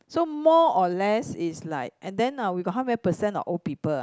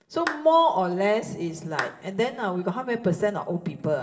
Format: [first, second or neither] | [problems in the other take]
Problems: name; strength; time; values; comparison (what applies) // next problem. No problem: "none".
first | background sound (Clapping); 13 dB below the speech // room echo; dies away in 2.5 s